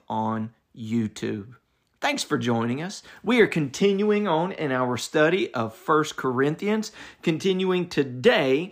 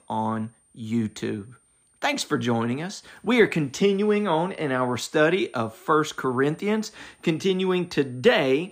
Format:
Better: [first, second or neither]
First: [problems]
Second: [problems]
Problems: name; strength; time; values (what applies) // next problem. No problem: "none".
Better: first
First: none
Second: high-pitched whine; faint; throughout; 9 kHz, 35 dB below the speech